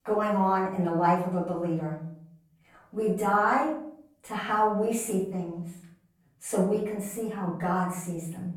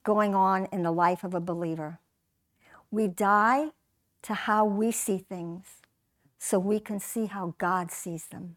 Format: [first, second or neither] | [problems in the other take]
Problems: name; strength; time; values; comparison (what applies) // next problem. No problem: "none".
second | off-mic speech; far // room echo; noticeable; dies away in 0.6 s